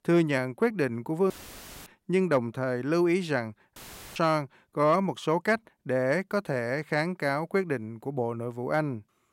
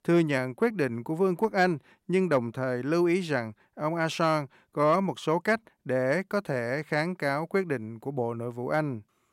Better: second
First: audio cutting out; filled with static; at 1.5 s for 0.5 s and at 4 s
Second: none

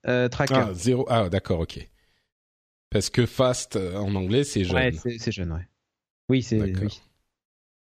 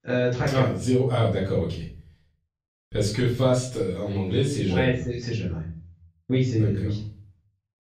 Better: first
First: none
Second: off-mic speech; far // room echo; noticeable; dies away in 0.4 s

